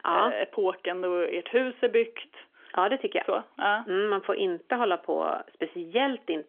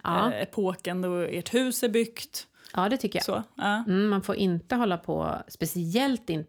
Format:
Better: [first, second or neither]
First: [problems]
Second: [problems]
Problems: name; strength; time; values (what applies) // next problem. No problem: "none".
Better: second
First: phone-call audio; nothing above 3.5 kHz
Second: none